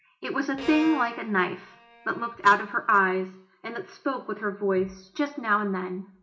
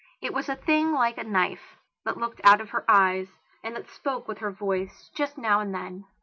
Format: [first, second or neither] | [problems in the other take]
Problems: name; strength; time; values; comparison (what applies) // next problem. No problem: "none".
second | background sound (Bowed string instrument); 14 dB below the speech // room echo; dies away in 0.4 s